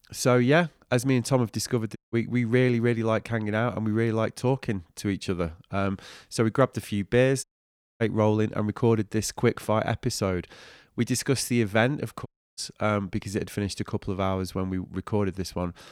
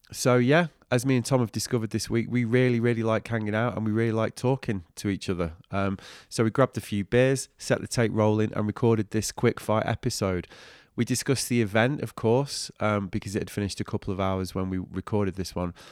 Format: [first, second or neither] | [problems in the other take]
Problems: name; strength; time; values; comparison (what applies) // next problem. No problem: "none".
second | audio cutting out; at 2 s, at 7.5 s for 0.5 s and at 12 s